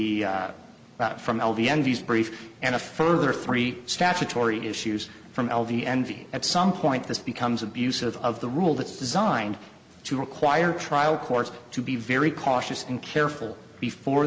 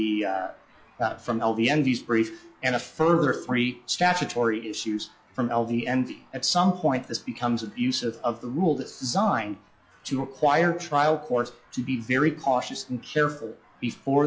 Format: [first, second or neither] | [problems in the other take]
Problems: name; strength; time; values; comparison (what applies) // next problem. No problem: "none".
first | noise reduction (classical method log-MMSE)